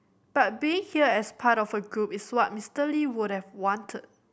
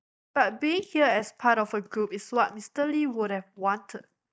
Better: first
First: none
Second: noise reduction (neural mask model DeepFilterNet 3)

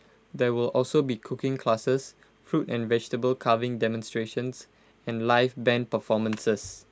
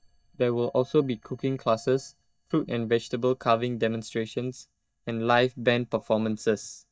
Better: first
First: none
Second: noise reduction (neural mask model DeepFilterNet 3)

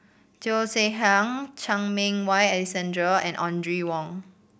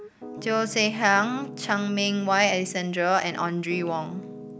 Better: first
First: none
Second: background sound (Piano); 15 dB below the speech

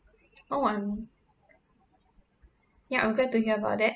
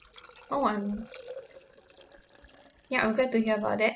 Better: first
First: none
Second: background sound (Liquid); 20 dB below the speech

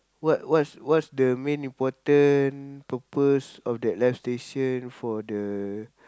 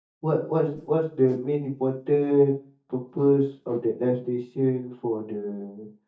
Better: first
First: none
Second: noise reduction (neural mask model DeepFilterNet 3)

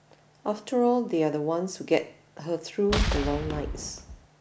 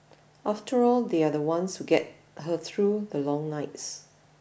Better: second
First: background sound (Boom); 1 dB below the speech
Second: none

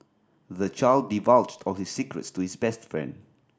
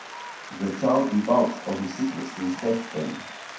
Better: first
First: none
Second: background sound (Applause); 13 dB below the speech // room echo; dies away in 0.6 s

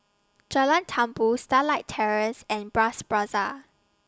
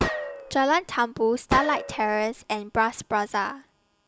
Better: first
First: none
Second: background sound (Gunshot, gunfire); 7 dB below the speech

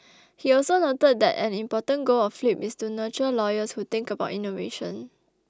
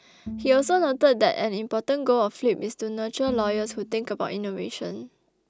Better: first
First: none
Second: background sound (Bowed string instrument); 17 dB below the speech

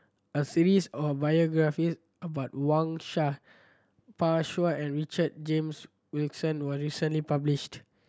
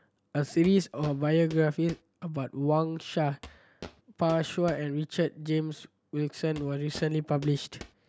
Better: first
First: none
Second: background sound (Walk, footsteps); 19 dB below the speech

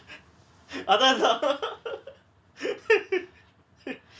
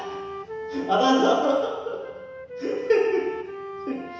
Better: first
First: none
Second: background sound (Wind instrument, woodwind instrument); 11 dB below the speech // room echo; dies away in 1 s

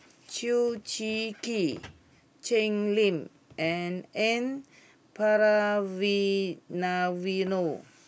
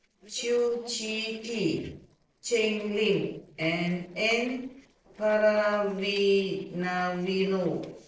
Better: first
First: none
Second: noise reduction (neural separator model SepFormer DNS4)

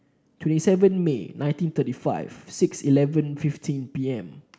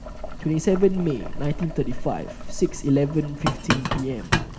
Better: first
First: none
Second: background sound (Boiling); 4 dB below the speech

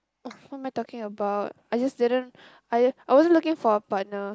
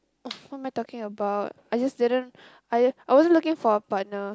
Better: second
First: noise reduction (neural mask model Resemble Enhance denoiser)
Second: none

